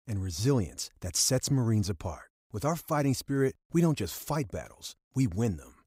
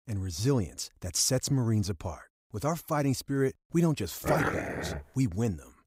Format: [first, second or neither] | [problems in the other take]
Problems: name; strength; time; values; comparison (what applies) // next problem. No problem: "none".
first | dog barking; loud; at 4 s; peak 1 dB above the speech